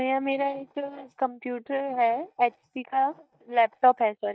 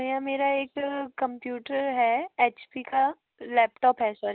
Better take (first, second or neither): second